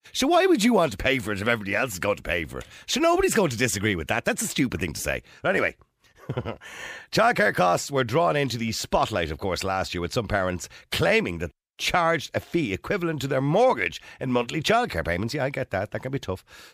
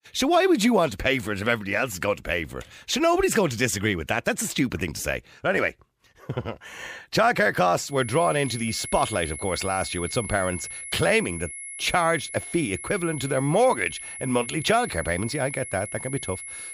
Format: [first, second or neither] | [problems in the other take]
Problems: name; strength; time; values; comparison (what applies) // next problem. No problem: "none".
first | high-pitched whine; loud; from 8 s on; 11 kHz, 10 dB below the speech